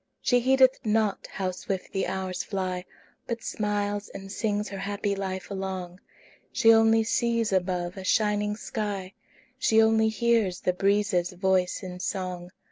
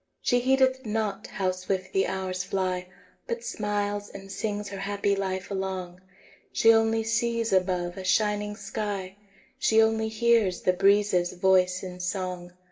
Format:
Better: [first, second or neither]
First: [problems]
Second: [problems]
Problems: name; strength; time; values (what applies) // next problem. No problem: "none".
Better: first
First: none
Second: room echo; dies away in 0.3 s